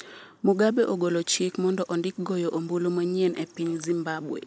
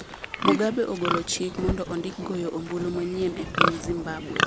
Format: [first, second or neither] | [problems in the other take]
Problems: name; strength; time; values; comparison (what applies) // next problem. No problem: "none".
first | background sound (Livestock, farm animals, working animals); as loud as the speech